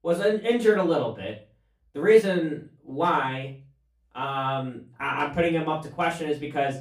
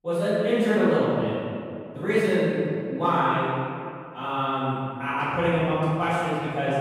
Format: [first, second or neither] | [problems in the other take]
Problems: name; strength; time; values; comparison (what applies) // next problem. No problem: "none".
first | room echo; strong; dies away in 2.4 s; slight in the first // off-mic speech; far; far in the first